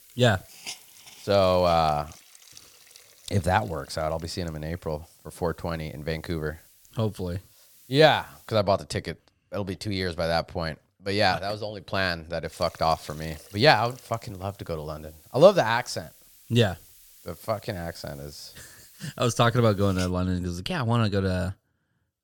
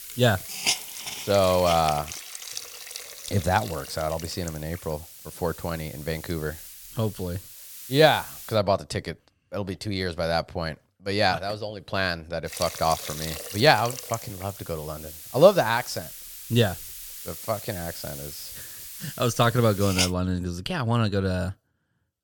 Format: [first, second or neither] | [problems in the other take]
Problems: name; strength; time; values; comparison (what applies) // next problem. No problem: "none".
first | hiss; loud; until 8.5 s and from 13 to 20 s; 9 dB below the speech; faint in the first